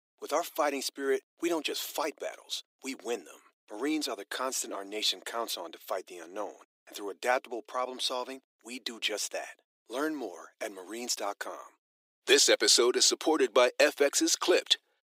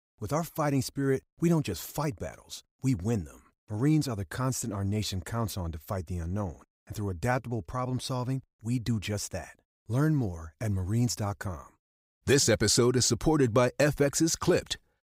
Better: second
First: thin; very; fading below 350 Hz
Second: none

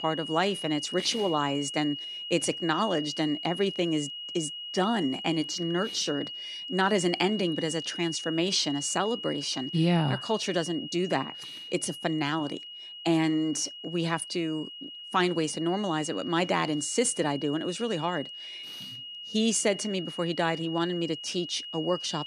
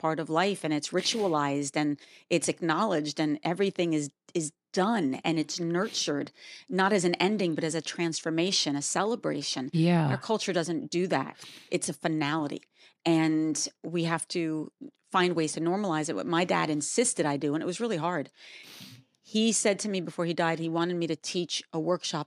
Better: second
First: high-pitched whine; loud; throughout; 3 kHz, 9 dB below the speech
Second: none

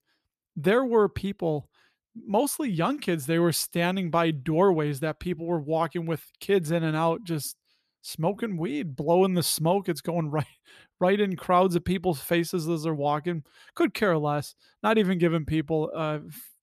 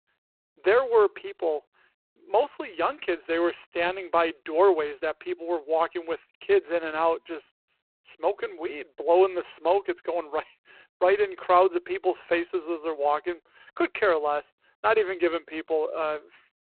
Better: first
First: none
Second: phone-call audio; poor line; nothing above 4 kHz

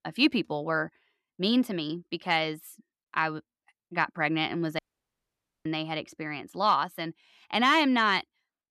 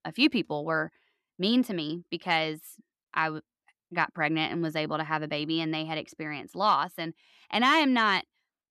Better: second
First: audio cutting out; at 5 s for 1 s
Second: none

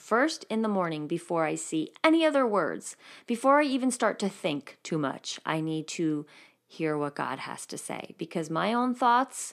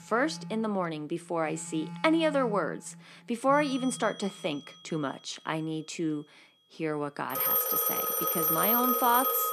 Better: first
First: none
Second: alarms or sirens; very loud; throughout; 3 dB above the speech

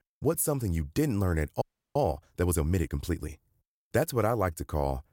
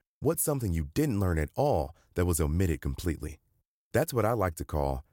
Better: second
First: audio freezing; at 1.5 s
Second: none

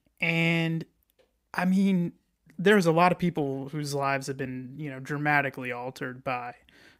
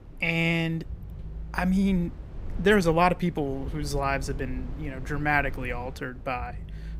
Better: first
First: none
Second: low rumble; faint; throughout; 25 dB below the speech

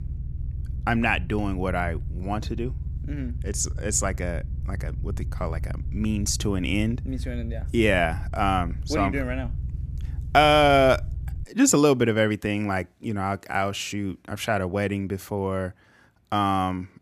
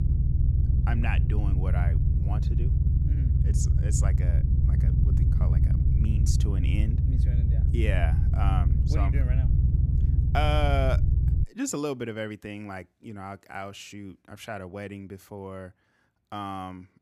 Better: first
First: low rumble; faint; until 11 s; 25 dB below the speech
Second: low rumble; loud; until 11 s; 5 dB below the speech

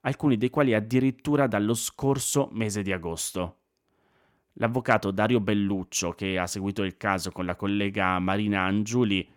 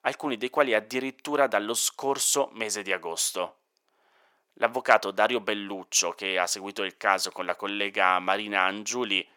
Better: first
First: none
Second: thin; very; fading below 600 Hz

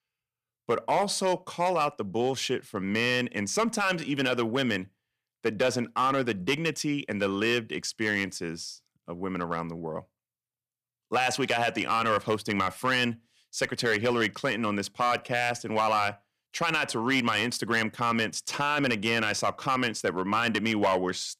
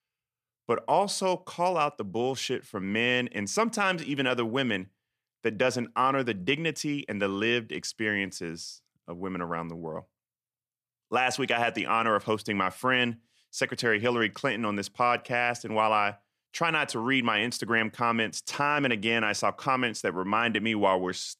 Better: second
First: distortion; slight; 3% of the sound clipped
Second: none

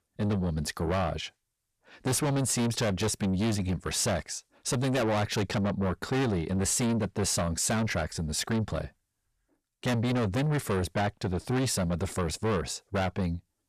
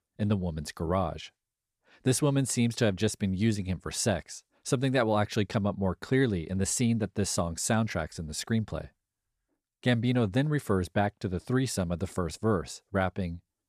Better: second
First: distortion; heavy; 6 dB below the speech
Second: none

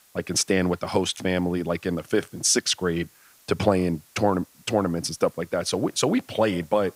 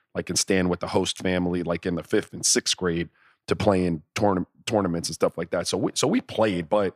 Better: second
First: hiss; faint; throughout; 30 dB below the speech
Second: none

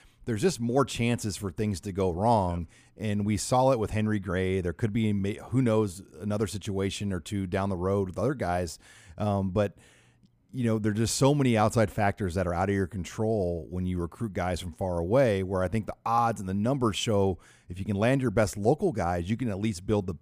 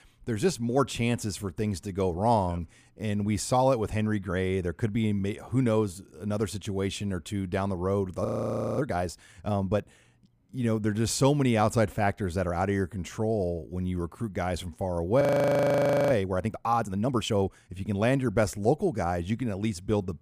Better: first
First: none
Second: audio freezing; at 8.5 s for 0.5 s and at 15 s for 1 s

